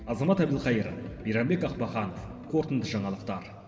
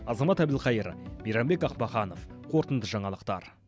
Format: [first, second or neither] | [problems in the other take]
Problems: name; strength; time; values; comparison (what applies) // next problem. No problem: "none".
second | room echo; dies away in 2.1 s